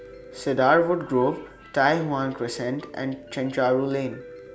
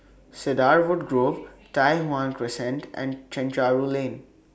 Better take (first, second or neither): second